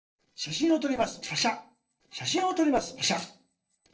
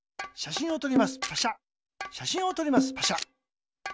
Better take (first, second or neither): second